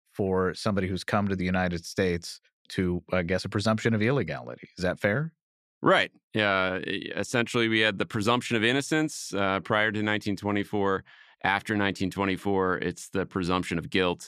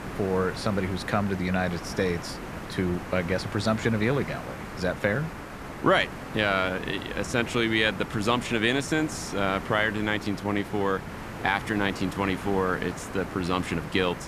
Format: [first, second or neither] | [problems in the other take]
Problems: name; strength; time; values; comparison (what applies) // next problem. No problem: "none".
first | hiss; noticeable; throughout; 10 dB below the speech